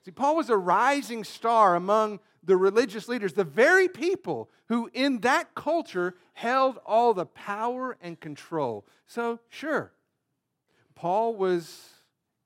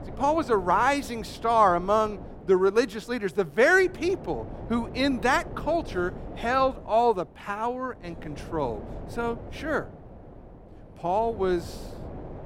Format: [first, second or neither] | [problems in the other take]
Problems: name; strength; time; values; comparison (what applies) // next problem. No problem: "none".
first | wind noise on the microphone; occasional gusts; 20 dB below the speech